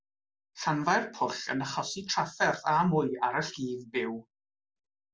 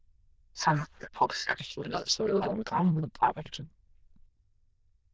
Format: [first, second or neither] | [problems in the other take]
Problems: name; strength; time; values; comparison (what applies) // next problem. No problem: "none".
first | noise reduction (neural diffusion model UNIVERSE++)